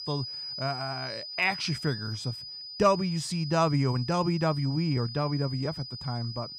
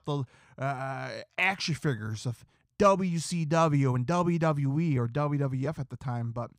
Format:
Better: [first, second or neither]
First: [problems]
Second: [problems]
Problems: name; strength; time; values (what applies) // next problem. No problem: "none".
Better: second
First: high-pitched whine; loud; throughout; 5 kHz, 8 dB below the speech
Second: none